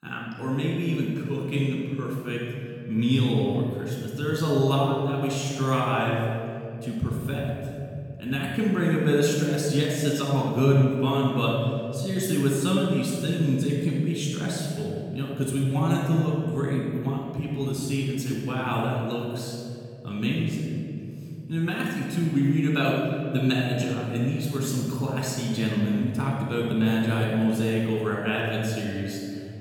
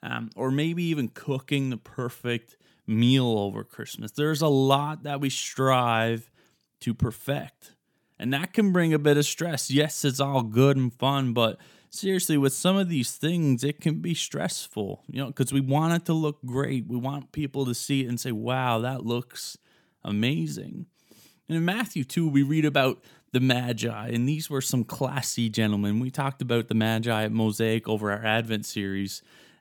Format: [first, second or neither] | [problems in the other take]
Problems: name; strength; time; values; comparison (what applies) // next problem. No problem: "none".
second | off-mic speech; far // room echo; noticeable; dies away in 2.9 s